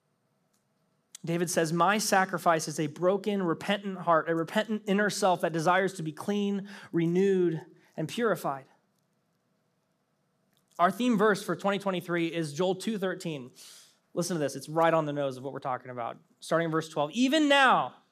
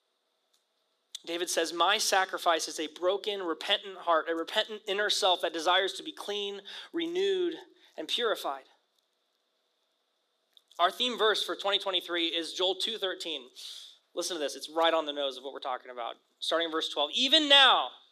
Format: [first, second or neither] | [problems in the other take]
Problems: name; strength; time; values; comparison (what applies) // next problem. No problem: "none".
first | thin; somewhat; fading below 300 Hz